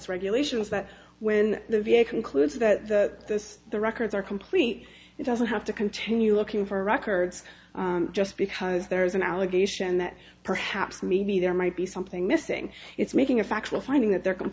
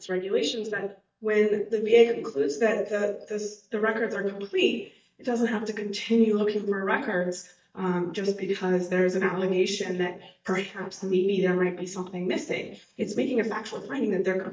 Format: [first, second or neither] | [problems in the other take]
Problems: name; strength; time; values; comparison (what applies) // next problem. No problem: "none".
first | noise reduction (neural mask model DeepFilterNet 3)